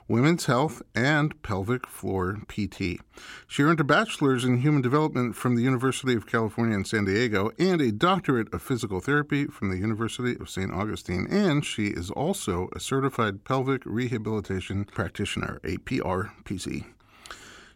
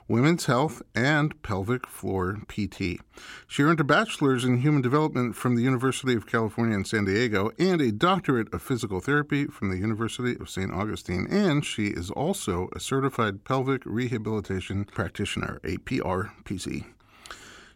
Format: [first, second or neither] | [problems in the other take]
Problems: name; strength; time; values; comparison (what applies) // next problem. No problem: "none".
neither | none